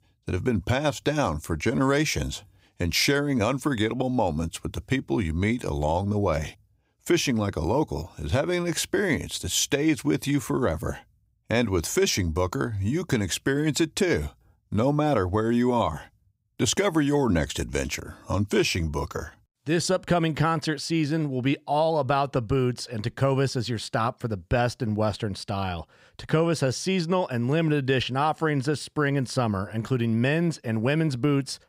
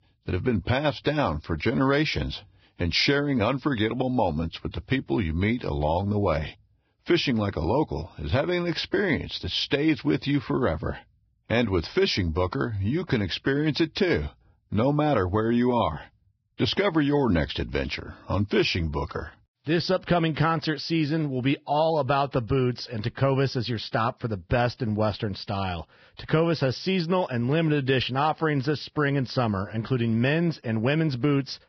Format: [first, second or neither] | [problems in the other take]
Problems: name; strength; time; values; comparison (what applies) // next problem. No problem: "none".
first | garbled, watery; badly; nothing above 5.5 kHz